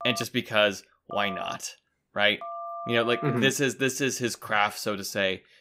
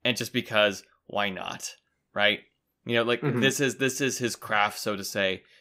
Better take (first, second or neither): second